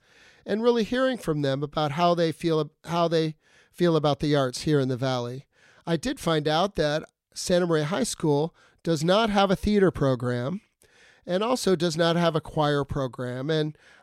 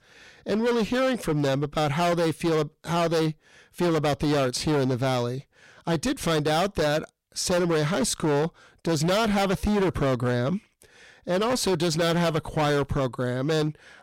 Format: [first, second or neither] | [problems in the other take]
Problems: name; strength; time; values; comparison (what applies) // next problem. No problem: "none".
first | distortion; heavy; 21% of the sound clipped